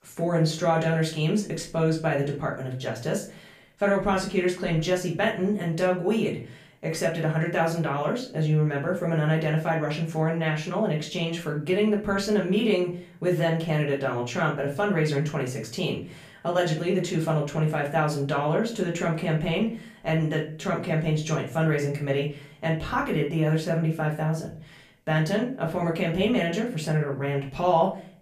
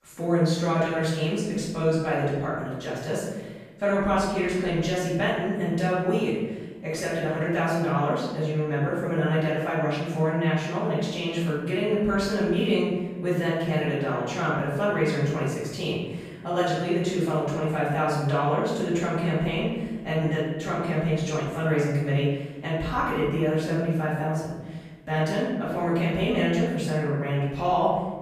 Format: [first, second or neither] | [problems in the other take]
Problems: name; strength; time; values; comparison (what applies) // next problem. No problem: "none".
first | room echo; strong; dies away in 1.3 s; slight in the first // off-mic speech; far; far in the first